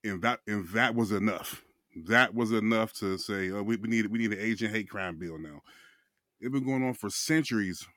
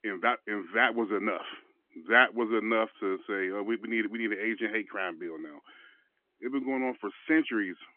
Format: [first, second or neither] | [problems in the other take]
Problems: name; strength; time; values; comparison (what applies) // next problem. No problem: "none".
first | phone-call audio; nothing above 3.5 kHz